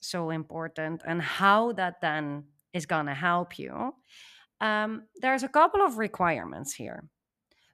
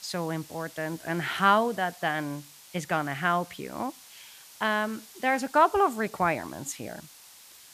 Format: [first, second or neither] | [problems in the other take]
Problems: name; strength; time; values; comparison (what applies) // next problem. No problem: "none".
first | hiss; noticeable; throughout; 20 dB below the speech